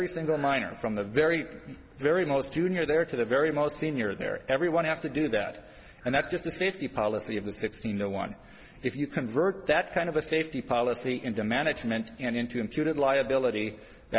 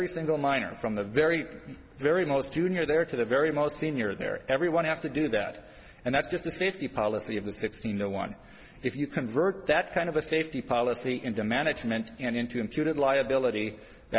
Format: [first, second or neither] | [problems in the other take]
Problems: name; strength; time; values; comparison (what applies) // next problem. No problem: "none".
second | background sound (Breathing); 14 dB below the speech